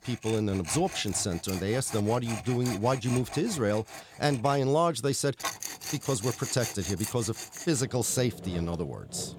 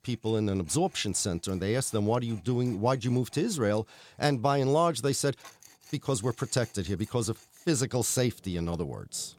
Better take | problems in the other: second | machinery noise; loud; throughout; 10 dB below the speech; faint in the second

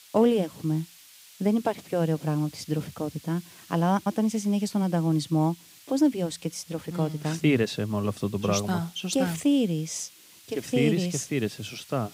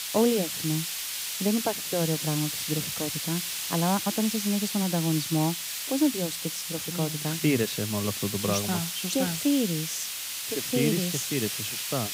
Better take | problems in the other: first | hiss; loud; throughout; 2 dB below the speech; faint in the first

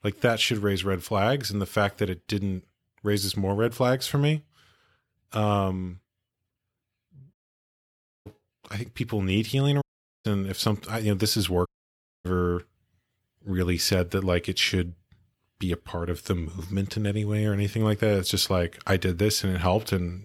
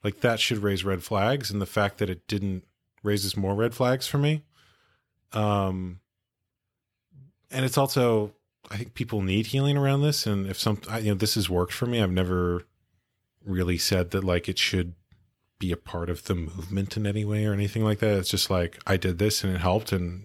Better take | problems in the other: second | audio cutting out; at 7.5 s for 1 s, at 10 s and at 12 s for 0.5 s

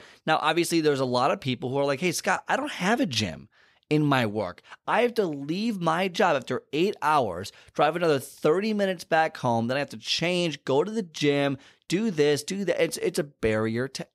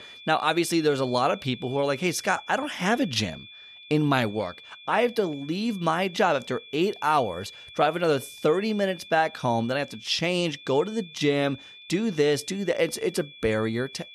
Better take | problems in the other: first | high-pitched whine; noticeable; throughout; 3.5 kHz, 20 dB below the speech

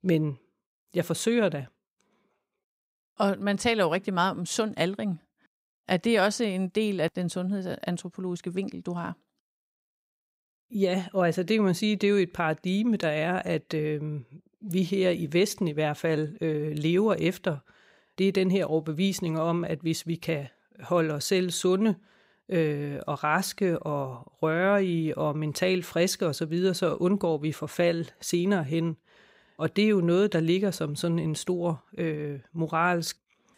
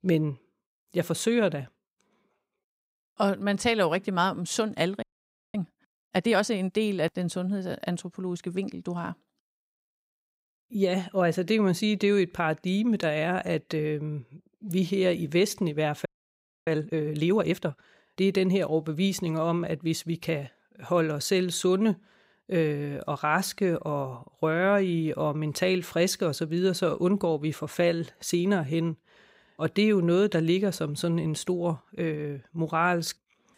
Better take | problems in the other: first | audio freezing; at 5 s for 0.5 s and at 16 s for 0.5 s

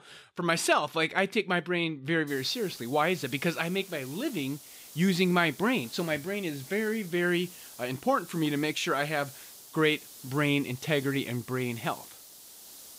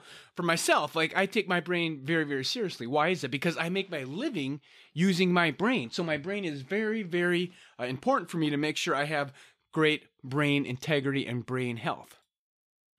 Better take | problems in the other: second | hiss; noticeable; from 2.5 s on; 15 dB below the speech

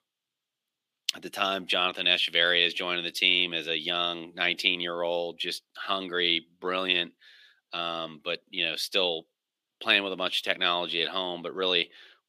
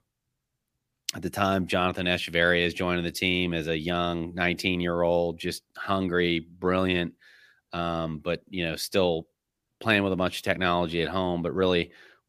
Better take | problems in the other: second | thin; somewhat; fading below 300 Hz

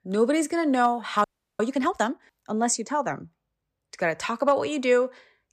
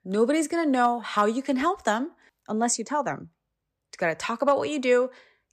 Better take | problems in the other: second | audio freezing; at 1 s

